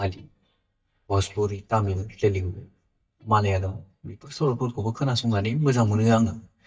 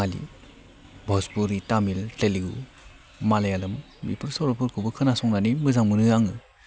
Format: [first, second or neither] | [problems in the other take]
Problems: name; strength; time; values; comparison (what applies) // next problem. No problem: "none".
second | noise reduction (neural mask model DeepFilterNet 3)